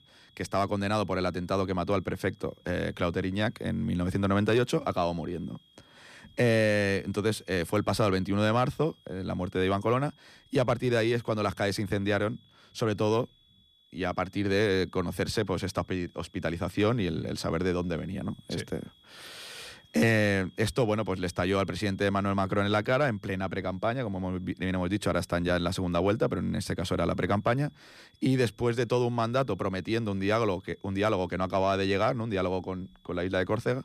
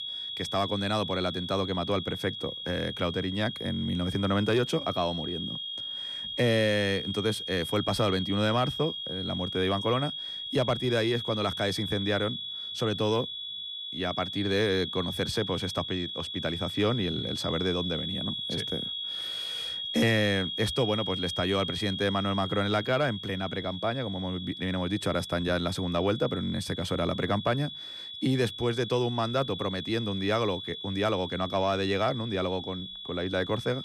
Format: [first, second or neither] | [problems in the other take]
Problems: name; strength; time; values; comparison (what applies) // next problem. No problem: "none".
first | high-pitched whine; loud; throughout; 3.5 kHz, 5 dB below the speech; faint in the first